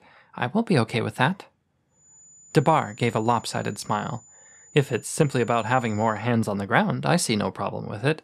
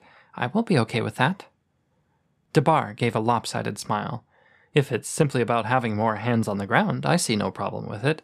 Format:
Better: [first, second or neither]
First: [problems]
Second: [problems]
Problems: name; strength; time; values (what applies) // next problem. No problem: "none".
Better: second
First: high-pitched whine; faint; from 2 to 6 s; 7 kHz, 25 dB below the speech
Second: none